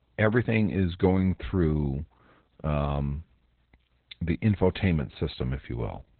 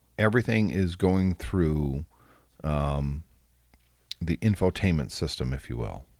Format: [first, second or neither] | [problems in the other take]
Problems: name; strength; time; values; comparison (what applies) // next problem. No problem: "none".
second | garbled, watery; badly; nothing above 4 kHz; slightly in the second